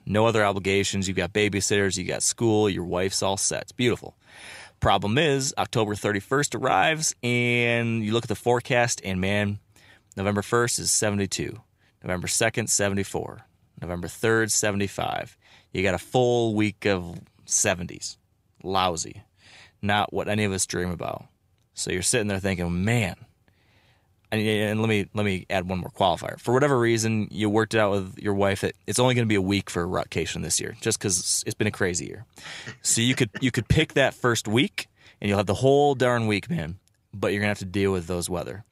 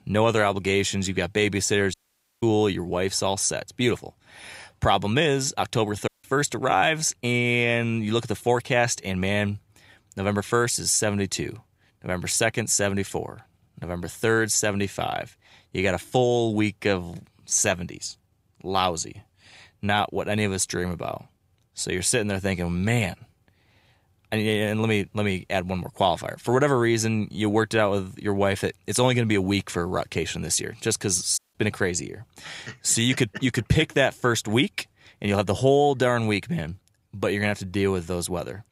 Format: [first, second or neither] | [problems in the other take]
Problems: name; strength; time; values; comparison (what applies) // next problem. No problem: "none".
first | audio cutting out; at 2 s, at 6 s and at 31 s